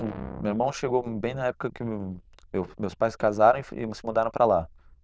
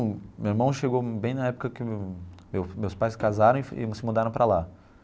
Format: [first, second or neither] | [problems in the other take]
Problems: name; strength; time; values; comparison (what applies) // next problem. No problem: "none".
second | noise reduction (neural diffusion model UNIVERSE++)